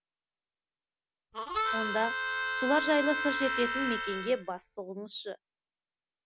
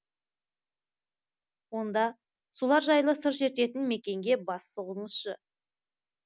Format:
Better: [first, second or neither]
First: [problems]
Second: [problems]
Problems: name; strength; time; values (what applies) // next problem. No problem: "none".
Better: second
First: background sound (Harmonica); 1 dB above the speech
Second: none